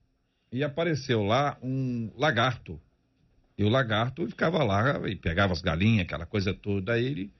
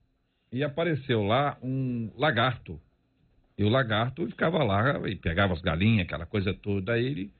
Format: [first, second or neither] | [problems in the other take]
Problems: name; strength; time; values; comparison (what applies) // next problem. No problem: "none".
first | garbled, watery; badly; nothing above 4 kHz; slightly in the first